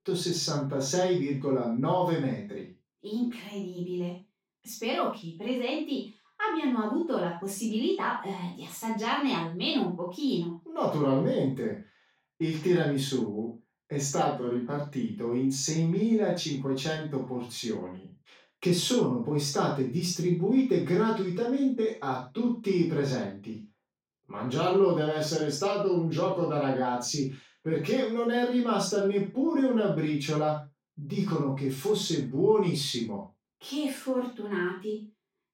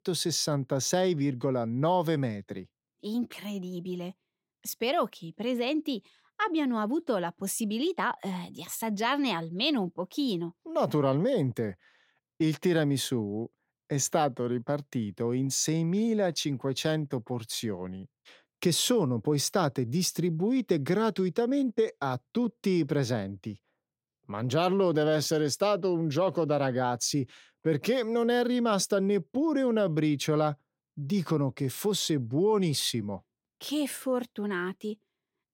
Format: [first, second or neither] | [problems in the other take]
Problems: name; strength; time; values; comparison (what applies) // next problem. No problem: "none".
second | room echo; noticeable; dies away in 0.3 s // off-mic speech; far